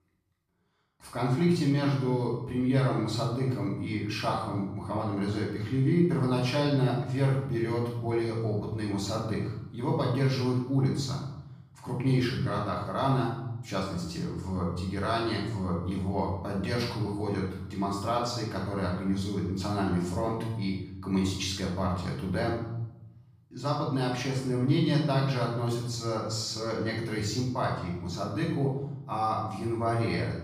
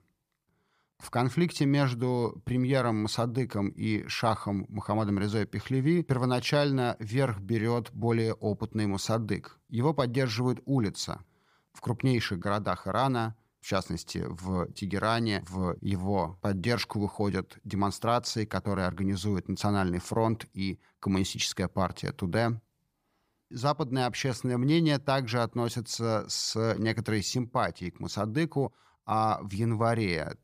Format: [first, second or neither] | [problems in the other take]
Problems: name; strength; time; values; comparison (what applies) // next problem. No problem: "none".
second | off-mic speech; far // room echo; noticeable; dies away in 0.8 s